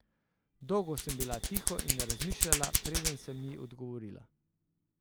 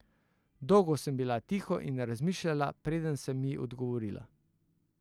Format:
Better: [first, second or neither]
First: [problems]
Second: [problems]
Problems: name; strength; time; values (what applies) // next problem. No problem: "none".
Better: second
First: background sound (Hands); 5 dB above the speech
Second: none